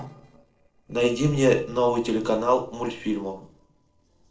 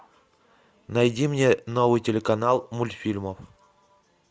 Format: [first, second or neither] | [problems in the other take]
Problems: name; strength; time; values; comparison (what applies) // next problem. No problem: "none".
second | noise reduction (neural separator model SepFormer DNS4)